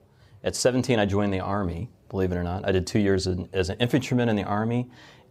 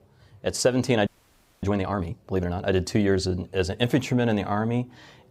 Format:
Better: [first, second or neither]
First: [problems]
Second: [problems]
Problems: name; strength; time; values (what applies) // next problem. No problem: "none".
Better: first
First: none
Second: audio freezing; at 1 s for 0.5 s